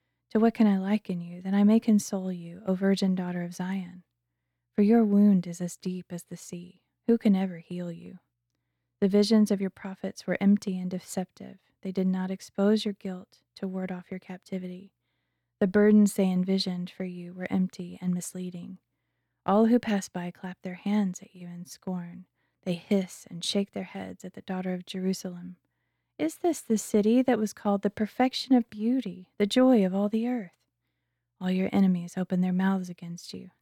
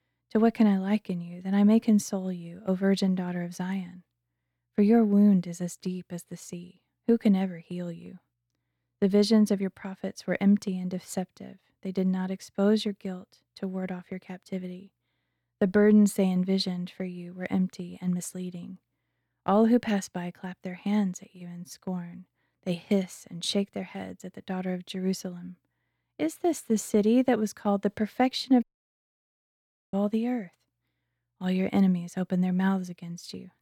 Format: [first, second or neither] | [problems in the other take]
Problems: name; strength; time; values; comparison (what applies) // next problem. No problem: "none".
first | audio cutting out; at 29 s for 1.5 s